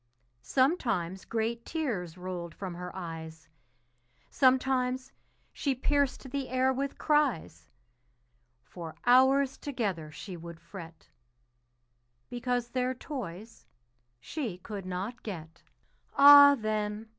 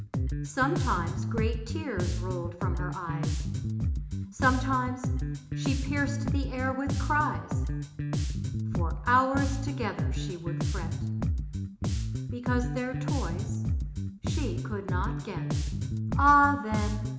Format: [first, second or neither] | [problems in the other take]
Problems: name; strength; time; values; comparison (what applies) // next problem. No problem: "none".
first | background sound (Bass guitar); 1 dB above the speech // room echo; dies away in 0.8 s